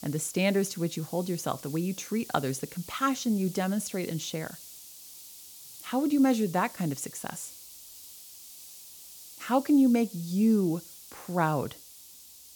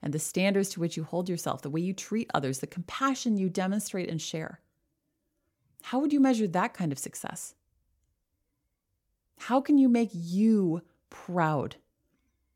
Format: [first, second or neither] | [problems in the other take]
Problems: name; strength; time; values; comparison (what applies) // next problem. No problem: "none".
second | hiss; noticeable; throughout; 15 dB below the speech